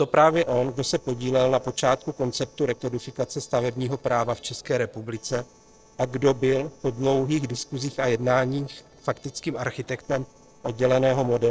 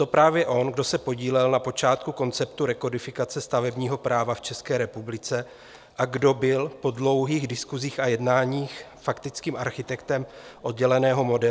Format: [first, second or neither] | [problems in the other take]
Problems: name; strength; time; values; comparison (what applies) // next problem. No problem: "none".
second | noise reduction (neural separator model SepFormer DNS4)